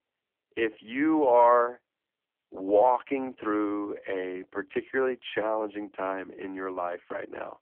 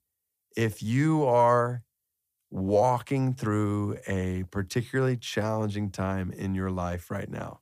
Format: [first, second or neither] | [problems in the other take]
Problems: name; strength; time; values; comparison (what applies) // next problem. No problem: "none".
second | phone-call audio; poor line; nothing above 3.5 kHz